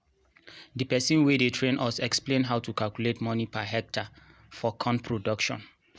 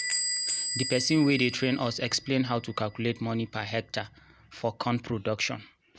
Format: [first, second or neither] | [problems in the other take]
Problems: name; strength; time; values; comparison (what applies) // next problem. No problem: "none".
first | background sound (Door / Bell); 6 dB below the speech